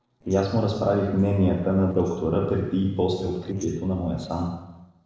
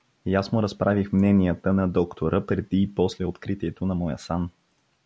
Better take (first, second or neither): second